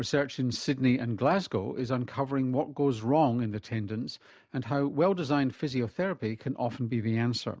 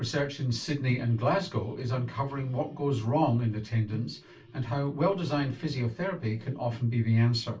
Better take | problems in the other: first | background sound (Microwave oven); 18 dB below the speech // room echo; dies away in 0.2 s

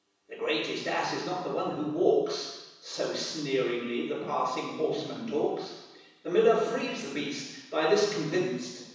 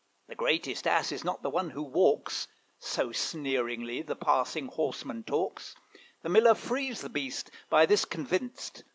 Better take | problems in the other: second | room echo; dies away in 1.1 s

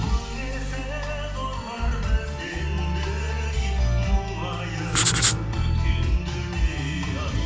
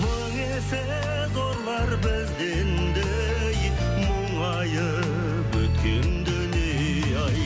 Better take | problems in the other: second | background sound (Writing); 2 dB above the speech // room echo; dies away in 0.5 s

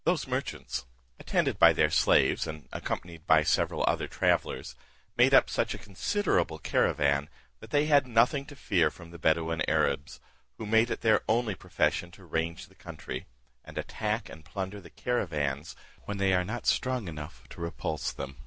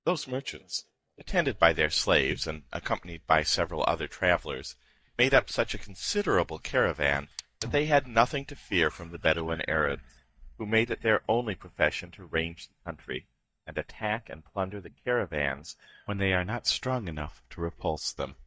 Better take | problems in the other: first | noise reduction (neural mask model DeepFilterNet 3)

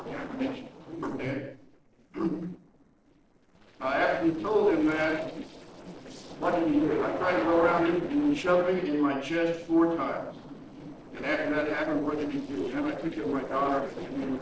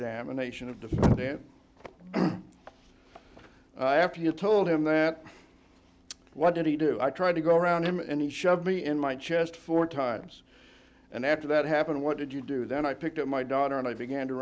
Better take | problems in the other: second | noise reduction (neural separator model SepFormer DNS4)

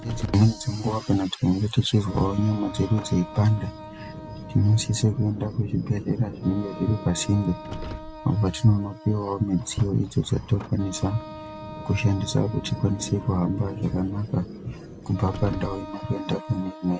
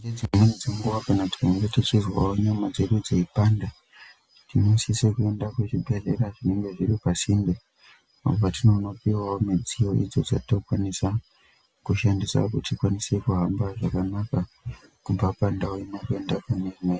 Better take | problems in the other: second | background sound (Car + Wind instrument, woodwind instrument); 13 dB below the speech

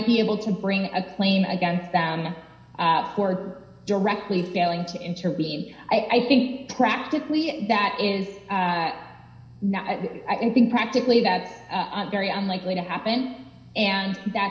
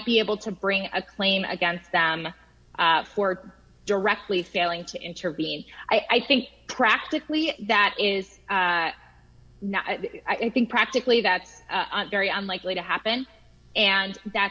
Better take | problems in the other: second | room echo; dies away in 0.9 s

